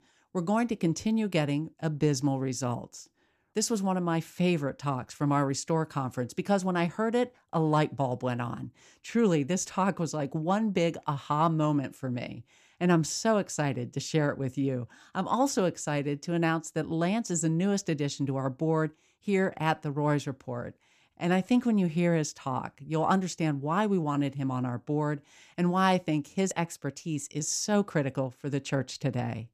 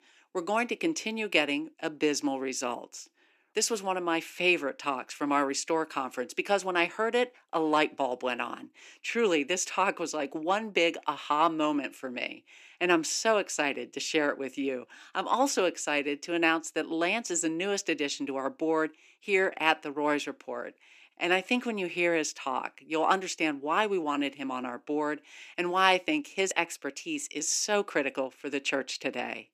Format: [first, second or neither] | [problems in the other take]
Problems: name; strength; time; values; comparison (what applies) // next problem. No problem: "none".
first | thin; somewhat; fading below 300 Hz